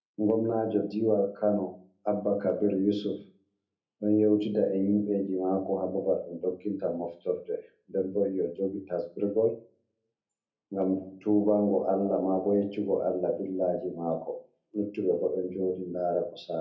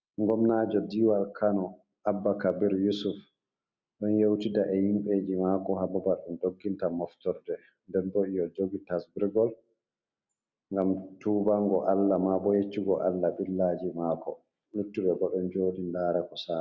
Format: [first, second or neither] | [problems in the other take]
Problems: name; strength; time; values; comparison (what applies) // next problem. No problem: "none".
second | room echo; dies away in 0.3 s